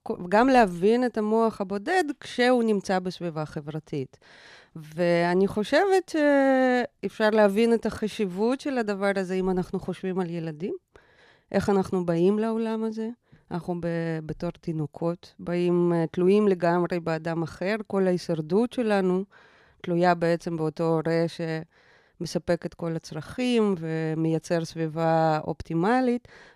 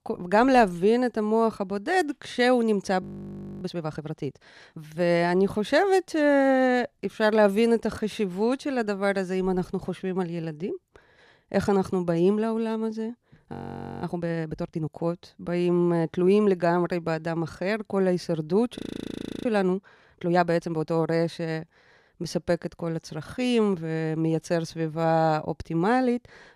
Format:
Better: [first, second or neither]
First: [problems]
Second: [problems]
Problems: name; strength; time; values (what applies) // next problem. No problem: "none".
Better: first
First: none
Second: audio freezing; at 3 s for 0.5 s, at 14 s for 0.5 s and at 19 s for 0.5 s